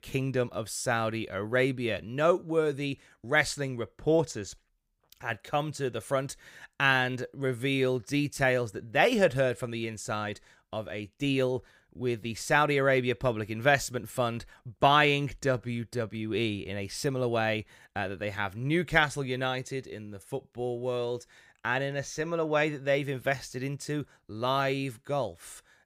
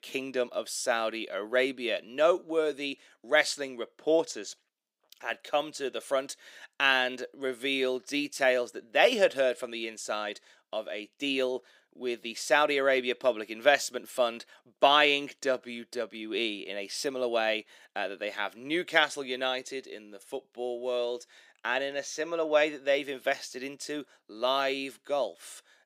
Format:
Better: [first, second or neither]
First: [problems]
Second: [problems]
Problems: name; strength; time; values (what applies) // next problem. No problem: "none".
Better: first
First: none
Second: thin; somewhat; fading below 250 Hz